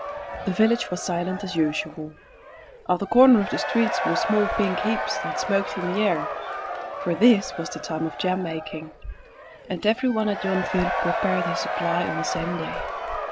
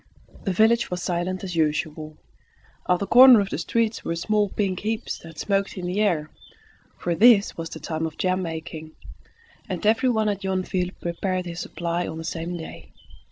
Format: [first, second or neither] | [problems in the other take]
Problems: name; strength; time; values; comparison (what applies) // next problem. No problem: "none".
second | background sound (Crowd / Cheering); 5 dB below the speech